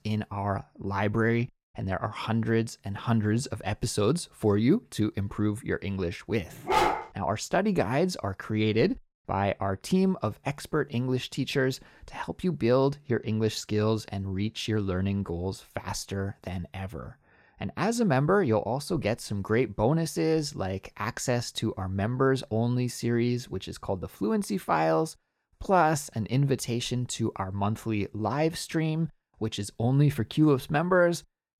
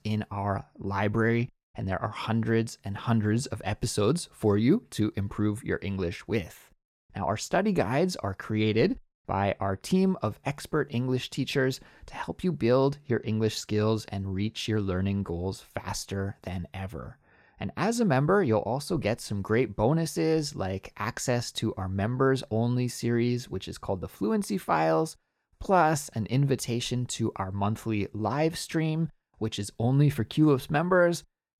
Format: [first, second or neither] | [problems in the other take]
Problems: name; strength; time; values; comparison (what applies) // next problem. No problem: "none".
second | dog barking; loud; at 6.5 s; peak 3 dB above the speech